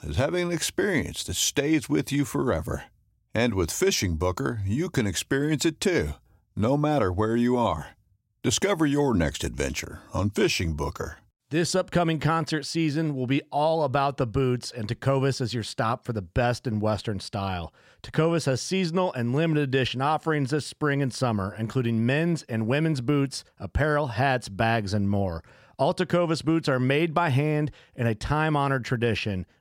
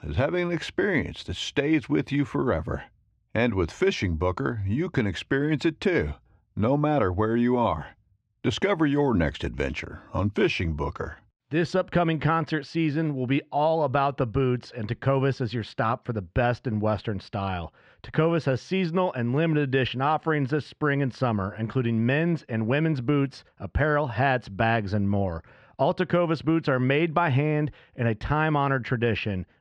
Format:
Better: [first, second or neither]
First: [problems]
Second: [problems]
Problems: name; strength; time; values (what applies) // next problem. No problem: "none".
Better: first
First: none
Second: muffled; slightly; fading above 2.5 kHz